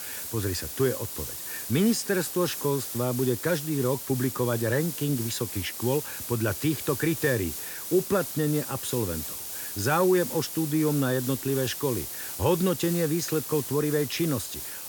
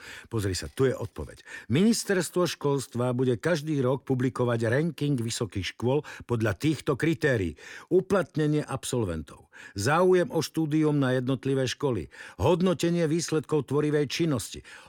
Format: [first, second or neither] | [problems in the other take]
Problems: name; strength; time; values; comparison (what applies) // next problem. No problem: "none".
second | hiss; loud; throughout; 6 dB below the speech